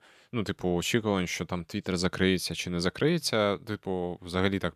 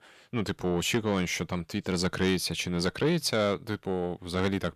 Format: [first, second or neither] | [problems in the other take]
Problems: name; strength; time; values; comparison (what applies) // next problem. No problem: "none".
first | distortion; slight; 10 dB below the speech